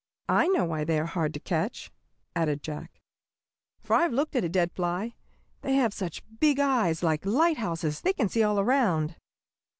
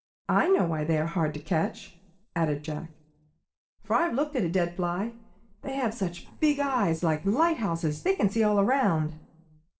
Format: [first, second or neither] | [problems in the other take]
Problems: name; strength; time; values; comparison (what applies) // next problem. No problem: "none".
first | noise reduction (neural separator model SepFormer DNS4)